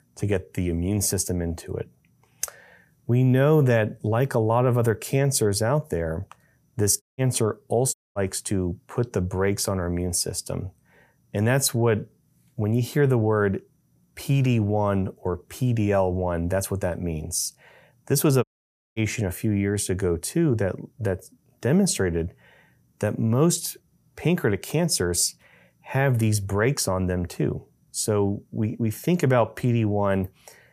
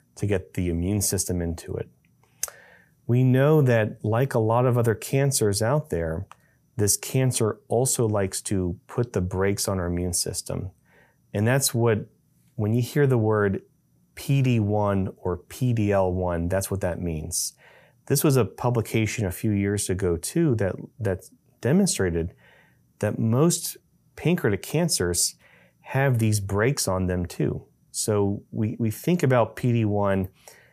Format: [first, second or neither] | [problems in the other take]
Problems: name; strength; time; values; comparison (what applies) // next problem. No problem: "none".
second | audio cutting out; at 7 s, at 8 s and at 18 s for 0.5 s